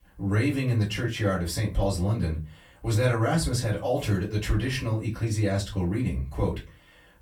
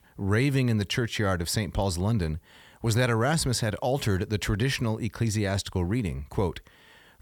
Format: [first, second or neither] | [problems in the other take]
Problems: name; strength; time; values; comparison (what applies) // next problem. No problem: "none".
second | off-mic speech; far // room echo; very slight; dies away in 0.2 s